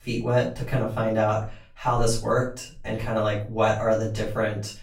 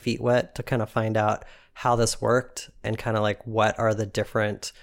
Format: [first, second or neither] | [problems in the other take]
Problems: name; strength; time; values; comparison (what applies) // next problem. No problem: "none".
second | off-mic speech; far // room echo; slight; dies away in 0.3 s